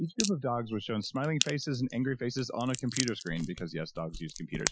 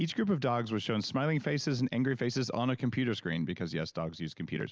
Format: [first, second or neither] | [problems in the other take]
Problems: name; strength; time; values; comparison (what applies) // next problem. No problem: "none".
second | noise reduction (classical method Wiener filter)